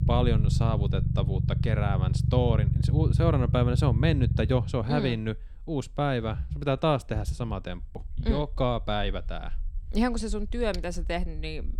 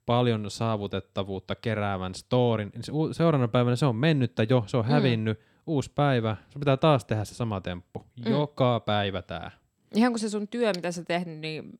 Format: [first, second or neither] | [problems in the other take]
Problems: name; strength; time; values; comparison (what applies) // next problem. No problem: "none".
second | low rumble; loud; throughout; 8 dB below the speech